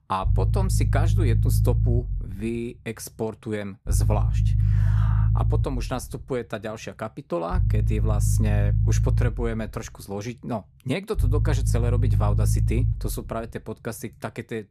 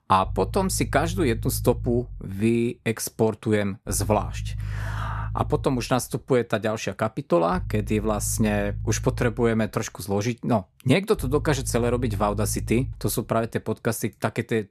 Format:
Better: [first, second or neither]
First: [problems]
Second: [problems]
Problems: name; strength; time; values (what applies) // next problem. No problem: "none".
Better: second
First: low rumble; loud; throughout; 5 dB below the speech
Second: low rumble; faint; throughout; 20 dB below the speech